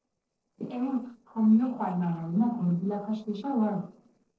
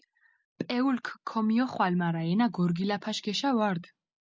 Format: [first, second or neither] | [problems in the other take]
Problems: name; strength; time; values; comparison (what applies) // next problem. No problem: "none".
second | noise reduction (neural separator model SepFormer DNS4)